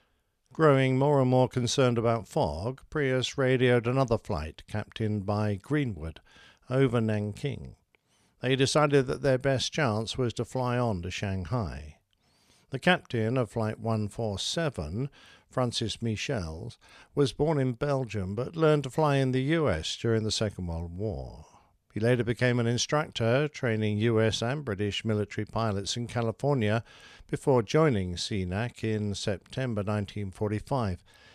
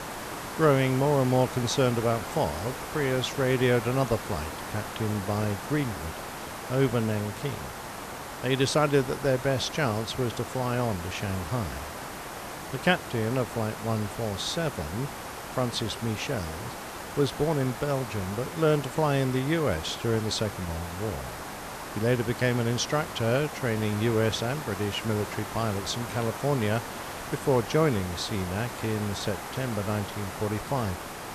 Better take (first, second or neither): first